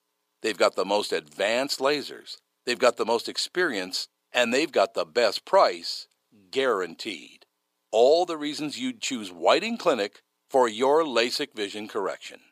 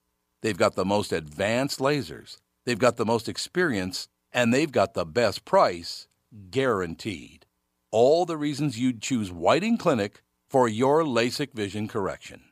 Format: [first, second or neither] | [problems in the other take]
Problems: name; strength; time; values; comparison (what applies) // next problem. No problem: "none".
second | thin; somewhat; fading below 400 Hz